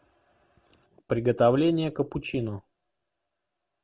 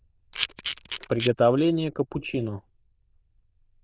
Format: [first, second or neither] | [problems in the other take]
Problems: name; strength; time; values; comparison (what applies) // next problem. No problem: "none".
first | noise reduction (neural diffusion model UNIVERSE++)